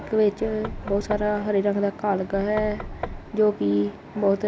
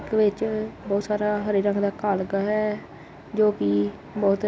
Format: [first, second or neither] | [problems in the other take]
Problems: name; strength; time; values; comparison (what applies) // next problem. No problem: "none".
second | background sound (Knock / Wood); 12 dB below the speech